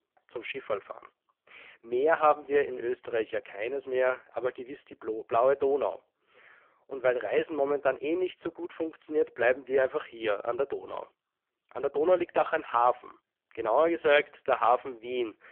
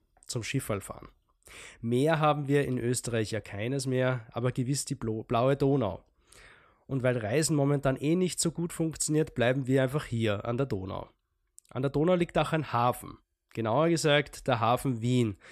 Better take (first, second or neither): second